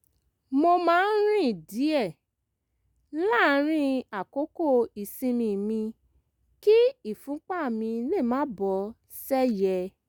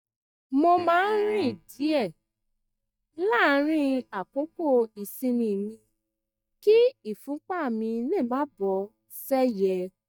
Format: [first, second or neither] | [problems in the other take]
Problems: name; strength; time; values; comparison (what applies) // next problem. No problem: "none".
first | noise reduction (neural mask model DeepFilterNet 3)